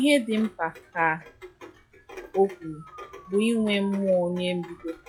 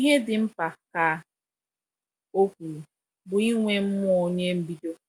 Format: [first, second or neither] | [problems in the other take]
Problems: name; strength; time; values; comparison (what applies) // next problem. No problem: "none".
second | noise reduction (classical method log-MMSE)